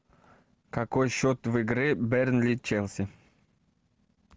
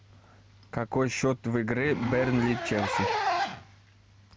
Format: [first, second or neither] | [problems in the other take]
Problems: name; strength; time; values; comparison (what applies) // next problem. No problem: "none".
first | background sound (Zipper (clothing)); 4 dB below the speech